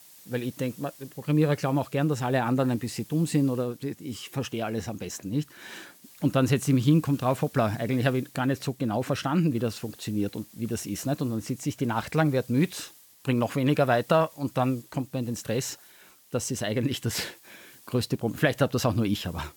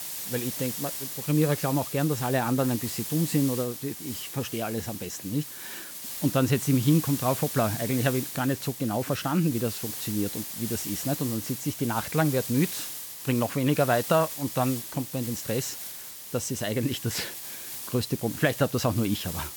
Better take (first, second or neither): first